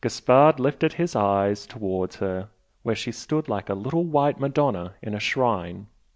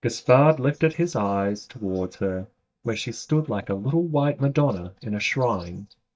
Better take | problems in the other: first | noise reduction (neural mask model DeepFilterNet 3)

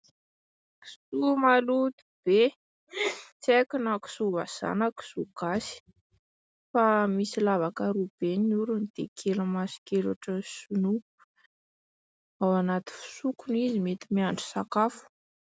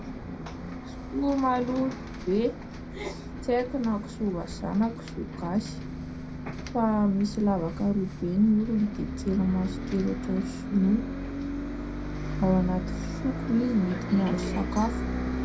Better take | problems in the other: first | background sound (Bus); 6 dB below the speech // room echo; dies away in 0.2 s

